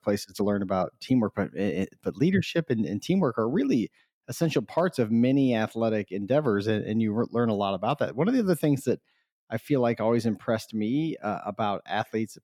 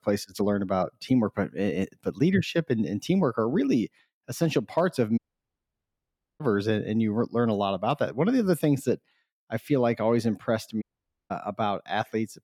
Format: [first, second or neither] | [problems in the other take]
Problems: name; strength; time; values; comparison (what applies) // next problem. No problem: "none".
first | audio cutting out; at 5 s for 1 s and at 11 s